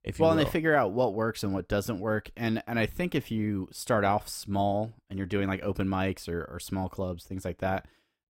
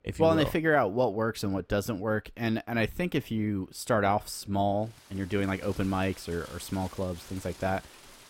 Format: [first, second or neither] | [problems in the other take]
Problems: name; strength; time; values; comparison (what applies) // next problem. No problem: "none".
first | rain or running water; noticeable; throughout; 20 dB below the speech